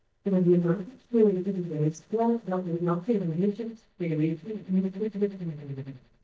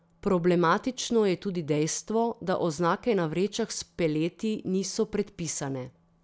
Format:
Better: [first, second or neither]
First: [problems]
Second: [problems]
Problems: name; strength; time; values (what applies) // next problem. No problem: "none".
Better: second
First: noise reduction (neural mask model DeepFilterNet 3)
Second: none